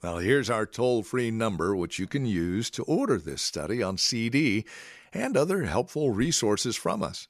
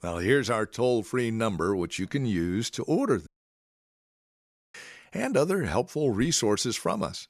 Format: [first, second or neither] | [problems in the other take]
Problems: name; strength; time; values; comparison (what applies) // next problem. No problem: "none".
first | audio cutting out; at 3.5 s for 1.5 s